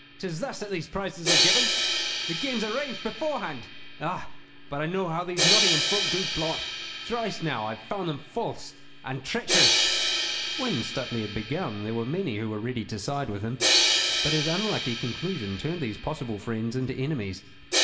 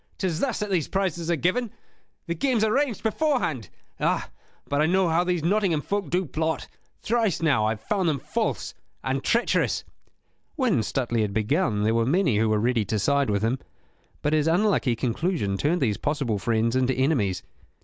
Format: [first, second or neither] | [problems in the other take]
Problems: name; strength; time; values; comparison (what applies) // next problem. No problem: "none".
second | background sound (Crash cymbal); 2 dB above the speech // room echo; dies away in 0.7 s